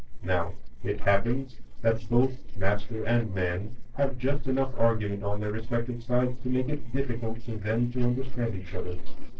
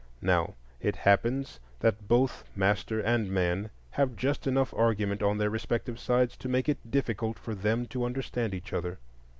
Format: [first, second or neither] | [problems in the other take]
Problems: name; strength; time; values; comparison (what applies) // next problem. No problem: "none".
second | noise reduction (neural separator model SepFormer DNS4)